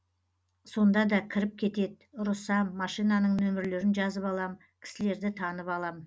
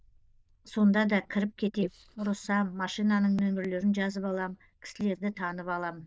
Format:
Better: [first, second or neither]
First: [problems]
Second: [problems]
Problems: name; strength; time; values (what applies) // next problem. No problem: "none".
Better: first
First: none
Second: noise reduction (neural diffusion model UNIVERSE++)